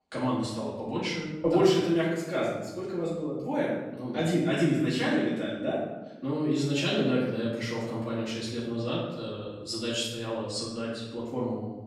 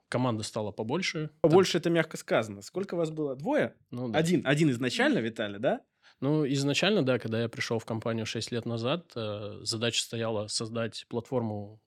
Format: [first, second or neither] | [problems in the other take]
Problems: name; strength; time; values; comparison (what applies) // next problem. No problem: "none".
second | off-mic speech; far // room echo; noticeable; dies away in 0.9 s